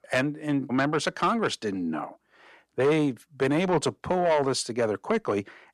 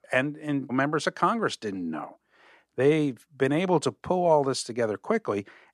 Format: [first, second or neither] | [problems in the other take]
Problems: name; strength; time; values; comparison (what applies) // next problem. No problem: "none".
second | distortion; slight; 10 dB below the speech